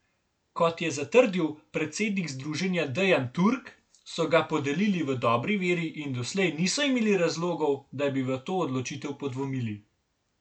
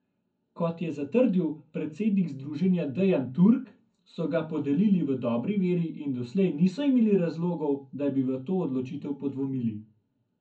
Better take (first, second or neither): first